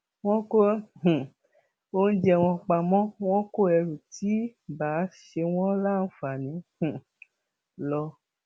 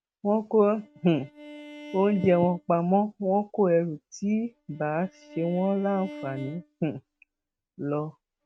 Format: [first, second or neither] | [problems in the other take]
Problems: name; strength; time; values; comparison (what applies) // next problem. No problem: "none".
first | noise reduction (neural mask model RNNoise)